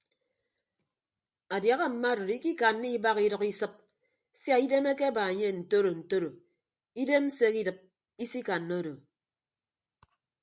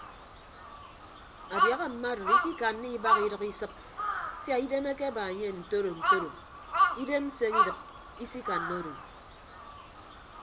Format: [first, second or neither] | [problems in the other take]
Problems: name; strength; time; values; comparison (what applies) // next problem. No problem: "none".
first | background sound (Crow); 2 dB above the speech